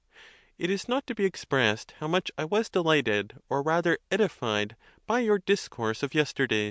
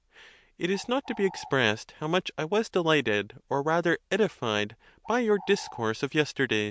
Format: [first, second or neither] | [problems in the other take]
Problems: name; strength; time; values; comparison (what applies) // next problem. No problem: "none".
first | background sound (Bird); 17 dB below the speech